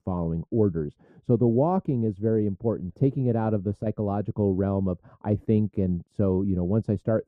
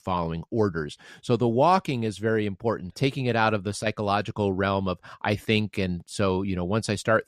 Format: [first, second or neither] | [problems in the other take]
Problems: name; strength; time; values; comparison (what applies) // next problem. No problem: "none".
second | muffled; very; fading above 1 kHz